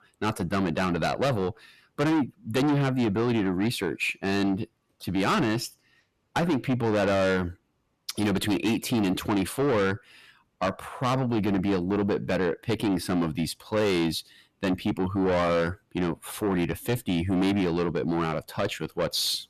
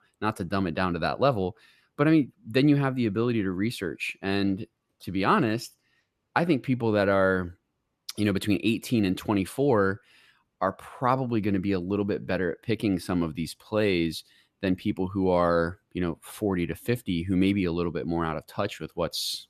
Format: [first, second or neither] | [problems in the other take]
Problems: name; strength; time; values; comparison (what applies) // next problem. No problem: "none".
second | distortion; heavy; 6 dB below the speech